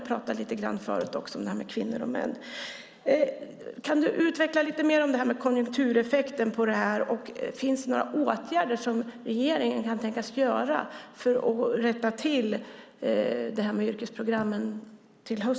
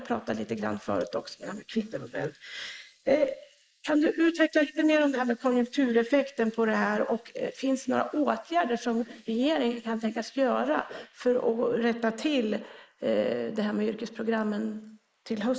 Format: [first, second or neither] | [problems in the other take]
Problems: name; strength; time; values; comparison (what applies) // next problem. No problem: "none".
first | noise reduction (neural mask model Resemble Enhance denoiser)